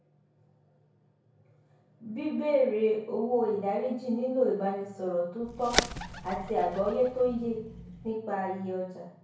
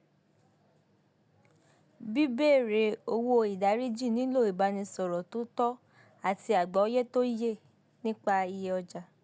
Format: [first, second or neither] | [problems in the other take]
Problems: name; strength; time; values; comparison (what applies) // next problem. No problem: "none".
second | background sound (Bird); 6 dB below the speech // room echo; dies away in 0.6 s